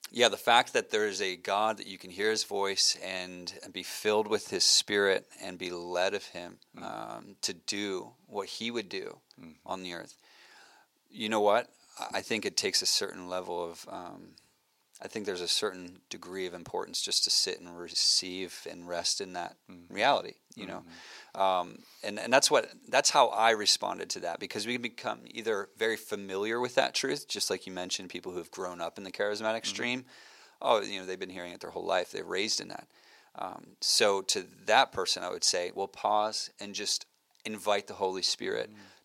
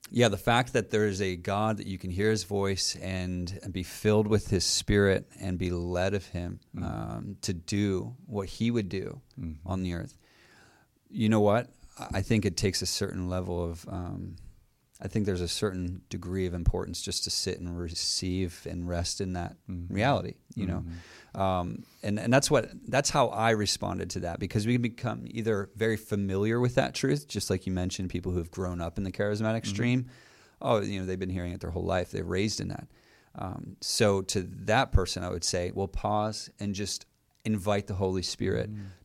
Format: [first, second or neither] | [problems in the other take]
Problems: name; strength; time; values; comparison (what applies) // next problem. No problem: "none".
second | thin; somewhat; fading below 450 Hz